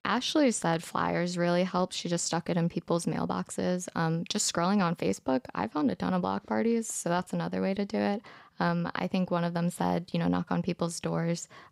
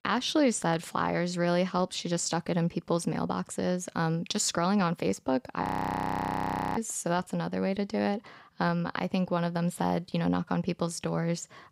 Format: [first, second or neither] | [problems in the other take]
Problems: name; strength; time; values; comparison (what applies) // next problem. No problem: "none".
first | audio freezing; at 5.5 s for 1 s